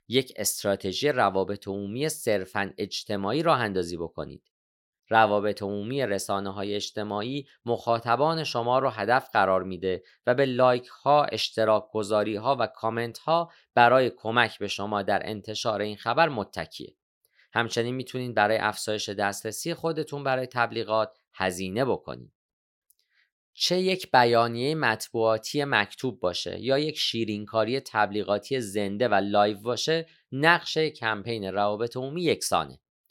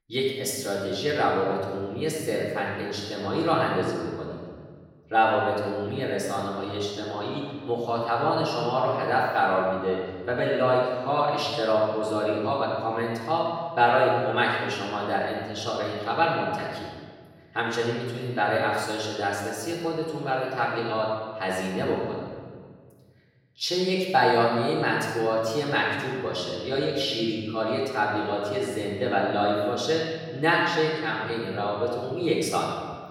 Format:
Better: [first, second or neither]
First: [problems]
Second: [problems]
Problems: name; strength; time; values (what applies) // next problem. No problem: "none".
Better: first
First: none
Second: off-mic speech; far // room echo; noticeable; dies away in 1.5 s